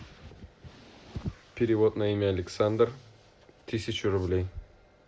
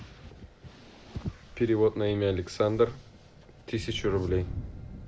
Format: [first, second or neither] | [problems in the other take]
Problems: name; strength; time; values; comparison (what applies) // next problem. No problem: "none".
first | background sound (Thunder); 13 dB below the speech